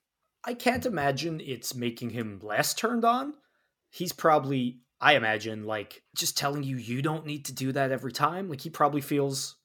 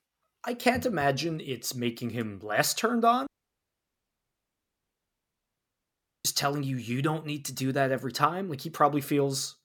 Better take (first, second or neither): first